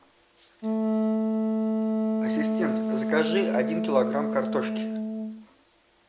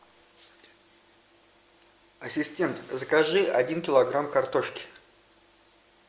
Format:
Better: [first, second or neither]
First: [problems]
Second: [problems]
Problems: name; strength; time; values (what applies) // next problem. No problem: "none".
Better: second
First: background sound (Wind instrument, woodwind instrument); 4 dB above the speech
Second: none